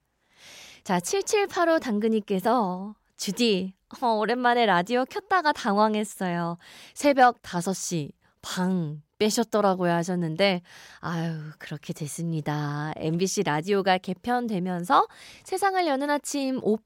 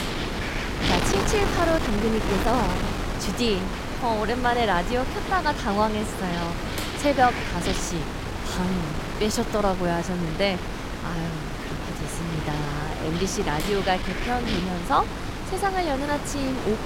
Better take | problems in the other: first | wind noise on the microphone; heavy; 4 dB below the speech

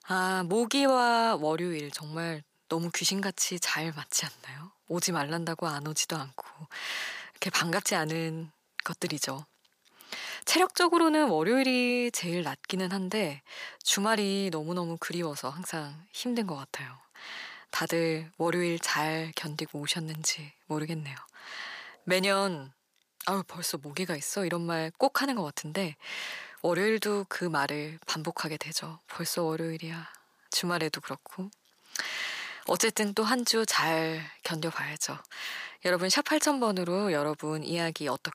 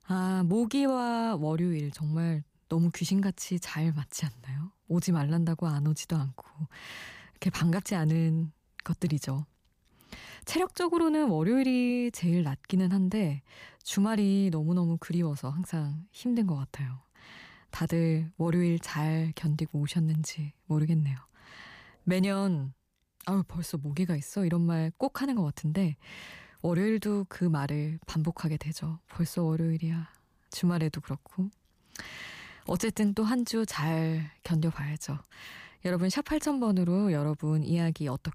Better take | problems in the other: second | thin; somewhat; fading below 450 Hz

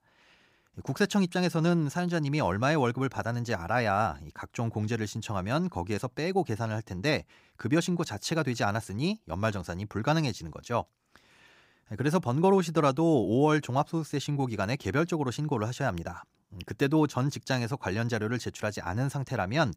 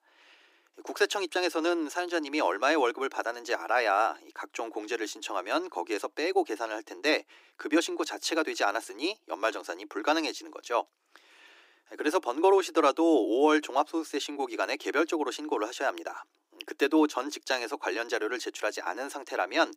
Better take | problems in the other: first | thin; very; fading below 300 Hz

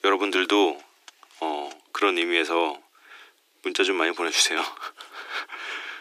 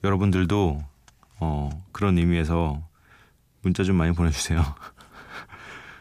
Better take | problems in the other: second | thin; very; fading below 300 Hz

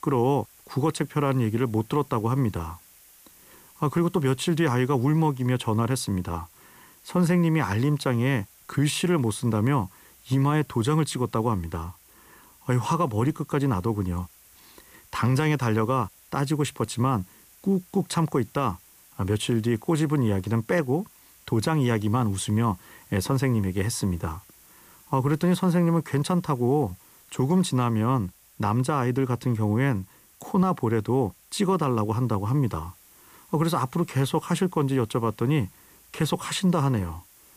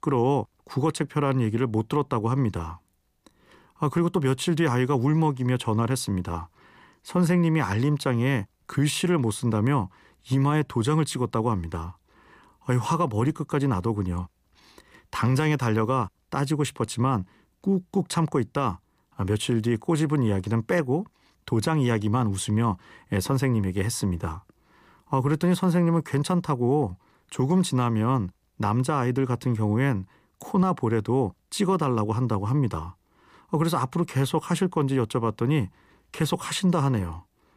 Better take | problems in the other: second | hiss; faint; throughout; 25 dB below the speech

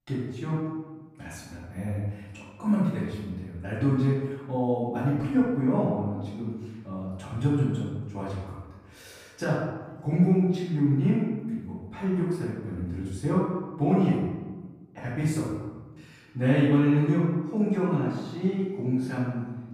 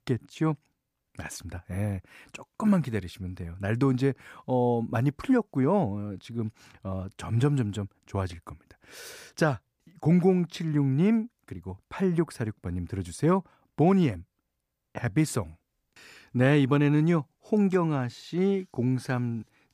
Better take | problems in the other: second | off-mic speech; far // room echo; strong; dies away in 1.1 s

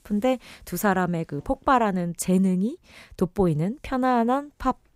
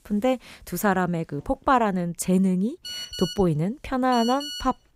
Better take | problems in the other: first | phone ringing; noticeable; from 3 s on; peak 7 dB below the speech

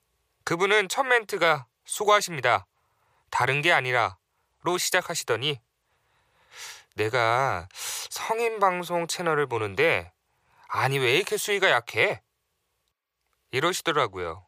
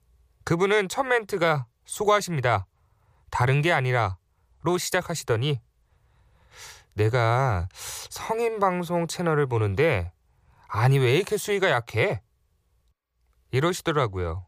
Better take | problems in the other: second | thin; somewhat; fading below 1 kHz

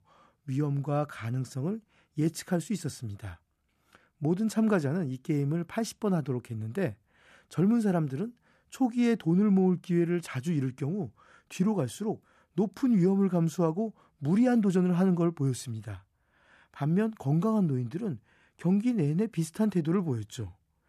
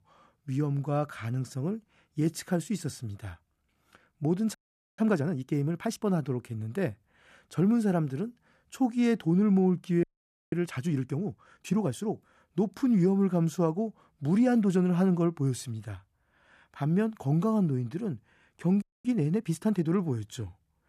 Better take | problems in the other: first | audio freezing; at 4.5 s, at 10 s and at 19 s

